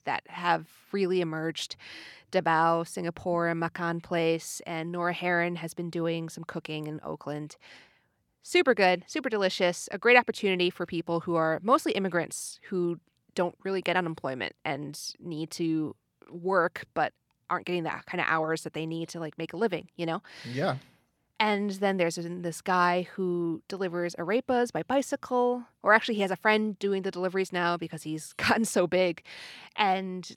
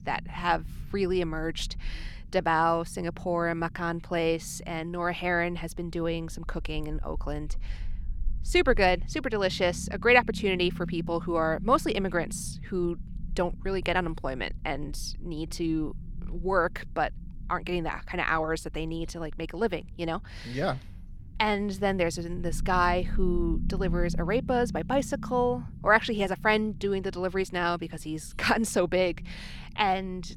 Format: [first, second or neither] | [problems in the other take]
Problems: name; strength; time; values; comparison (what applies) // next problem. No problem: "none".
first | low rumble; faint; throughout; 25 dB below the speech